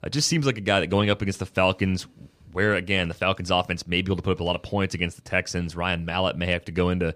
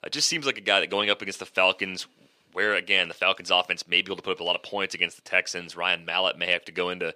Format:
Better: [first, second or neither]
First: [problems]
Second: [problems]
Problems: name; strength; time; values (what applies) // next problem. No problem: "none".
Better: first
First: none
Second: thin; somewhat; fading below 400 Hz